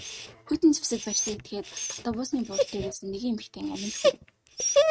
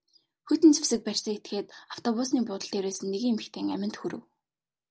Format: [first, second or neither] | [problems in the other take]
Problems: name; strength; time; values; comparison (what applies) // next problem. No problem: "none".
second | noise reduction (neural mask model RNNoise)